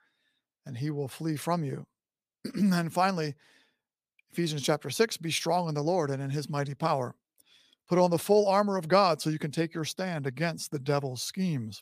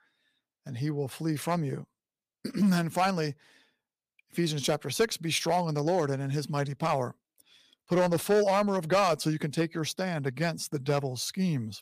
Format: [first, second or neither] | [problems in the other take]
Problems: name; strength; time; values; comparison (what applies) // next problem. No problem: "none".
first | distortion; slight; 3% of the sound clipped